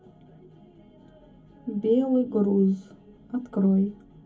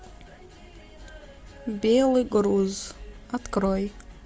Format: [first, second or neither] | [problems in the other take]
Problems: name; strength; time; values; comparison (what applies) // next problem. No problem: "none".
second | room echo; dies away in 0.3 s